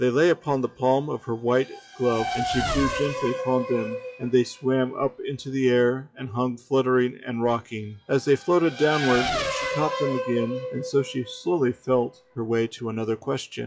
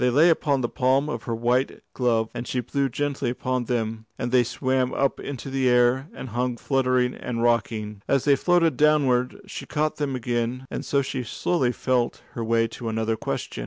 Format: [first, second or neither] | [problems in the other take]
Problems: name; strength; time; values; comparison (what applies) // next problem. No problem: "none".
second | noise reduction (classical method WPE with log-MMSE)